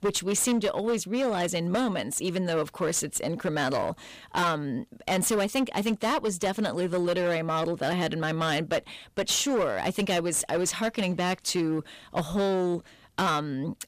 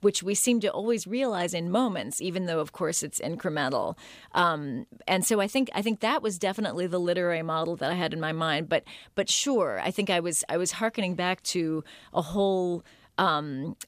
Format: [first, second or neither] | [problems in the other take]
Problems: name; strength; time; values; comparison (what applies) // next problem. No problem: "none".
second | distortion; slight; 13% of the sound clipped